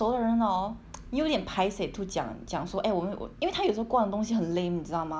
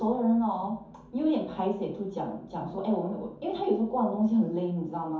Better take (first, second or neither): first